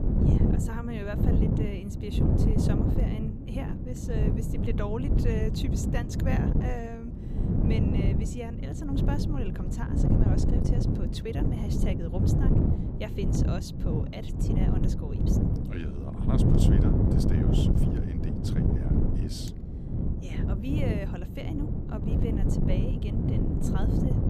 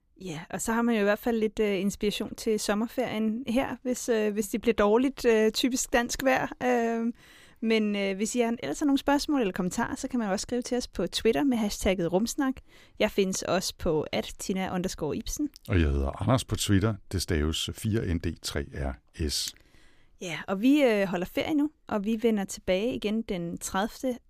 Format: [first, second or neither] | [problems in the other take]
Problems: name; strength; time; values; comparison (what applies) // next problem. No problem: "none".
second | wind noise on the microphone; heavy; 3 dB above the speech